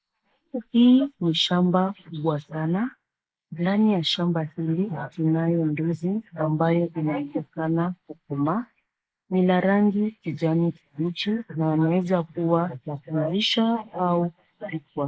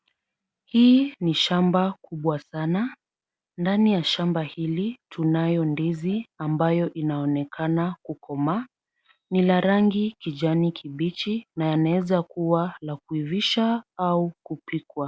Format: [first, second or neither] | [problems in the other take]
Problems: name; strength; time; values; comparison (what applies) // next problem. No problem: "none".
second | noise reduction (neural mask model Resemble Enhance denoiser)